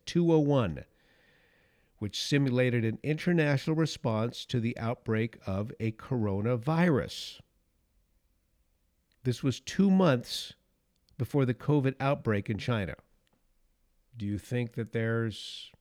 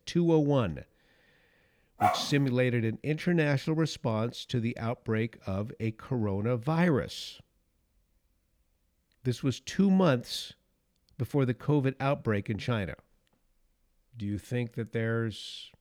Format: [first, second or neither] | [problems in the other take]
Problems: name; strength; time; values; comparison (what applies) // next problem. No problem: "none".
first | dog barking; loud; at 2 s; peak 1 dB above the speech